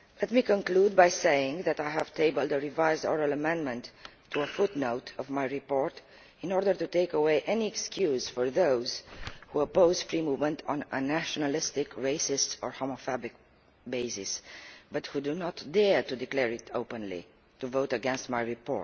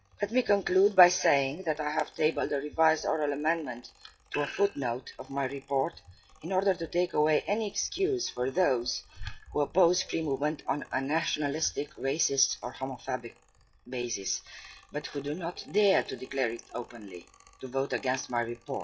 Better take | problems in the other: first | noise reduction (classical method WPE with log-MMSE)

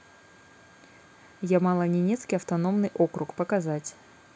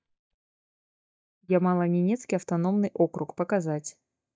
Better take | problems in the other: first | noise reduction (neural mask model DeepFilterNet 3)

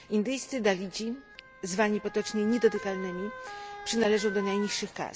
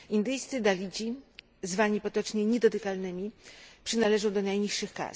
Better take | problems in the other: second | background sound (Motor vehicle (road) / Siren); 14 dB below the speech

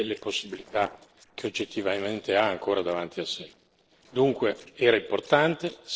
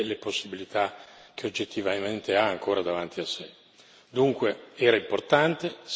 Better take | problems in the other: second | noise reduction (neural separator model SepFormer DNS4)

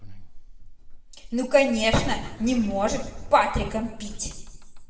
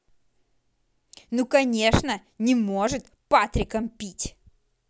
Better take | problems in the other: second | background sound (Sliding door); 11 dB below the speech // room echo; dies away in 1 s

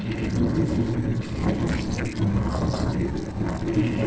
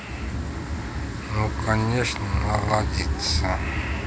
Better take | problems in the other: second | noise reduction (neural separator model SepFormer DNS4)

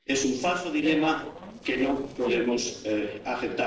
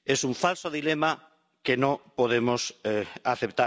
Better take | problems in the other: second | noise reduction (neural separator model SepFormer DNS4)

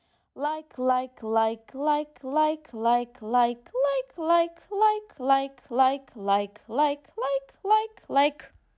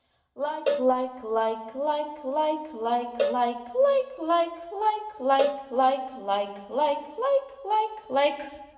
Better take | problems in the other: first | background sound (Cowbell); 8 dB below the speech // room echo; dies away in 1 s

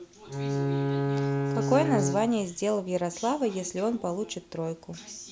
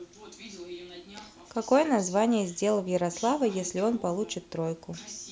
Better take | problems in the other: second | background sound (Bowed string instrument); 1 dB above the speech

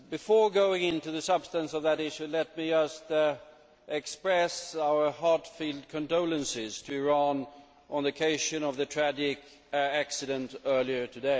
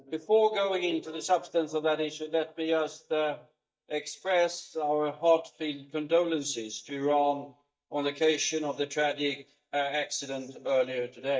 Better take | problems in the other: first | noise reduction (neural mask model DeepFilterNet 3)

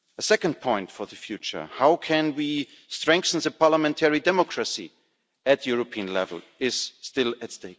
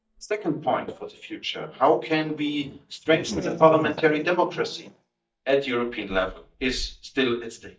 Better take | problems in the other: first | noise reduction (neural mask model DeepFilterNet 3)

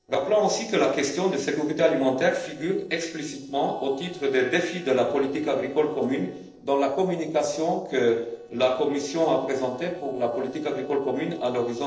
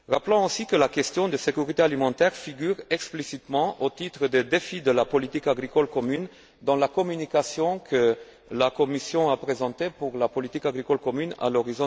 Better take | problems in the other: second | noise reduction (neural separator model SepFormer DNS4)

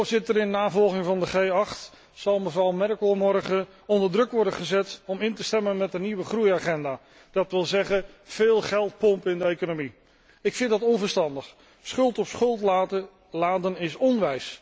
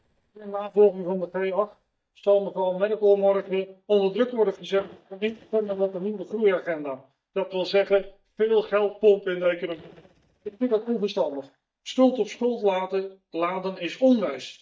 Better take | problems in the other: first | noise reduction (neural mask model DeepFilterNet 3)

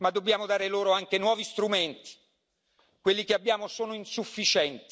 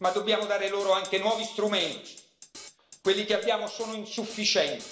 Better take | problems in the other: first | background sound (Drum kit); 20 dB below the speech // room echo; dies away in 0.7 s

